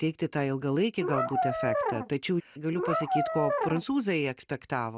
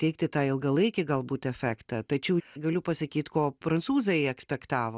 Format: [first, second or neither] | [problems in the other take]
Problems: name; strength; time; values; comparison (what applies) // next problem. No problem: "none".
second | background sound (Brass instrument); as loud as the speech